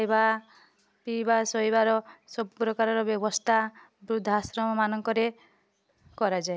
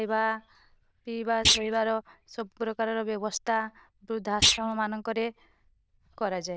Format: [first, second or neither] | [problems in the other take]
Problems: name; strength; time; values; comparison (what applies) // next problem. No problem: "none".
first | noise reduction (neural diffusion model UNIVERSE++)